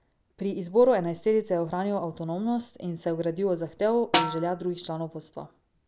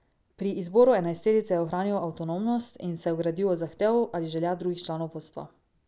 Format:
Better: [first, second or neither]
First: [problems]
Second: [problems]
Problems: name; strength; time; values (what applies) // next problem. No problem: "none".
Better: second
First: background sound (Snare drum); 3 dB below the speech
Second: none